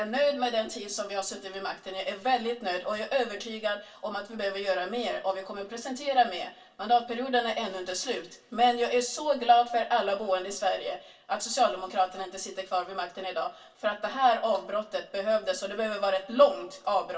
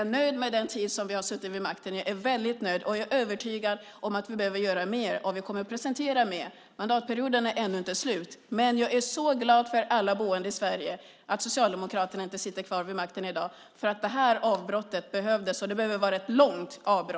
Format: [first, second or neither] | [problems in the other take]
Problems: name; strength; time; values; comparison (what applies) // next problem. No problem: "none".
second | room echo; dies away in 0.2 s